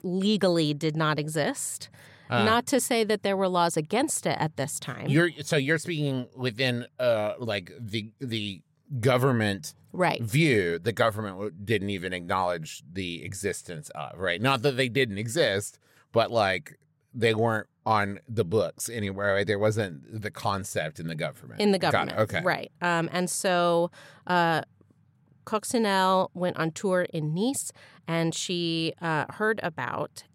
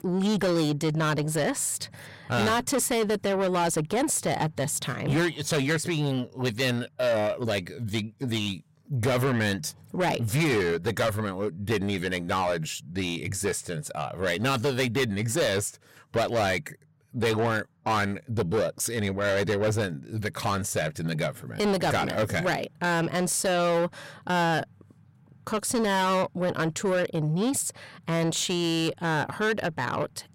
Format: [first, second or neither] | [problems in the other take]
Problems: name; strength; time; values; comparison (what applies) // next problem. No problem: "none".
first | distortion; heavy; 7 dB below the speech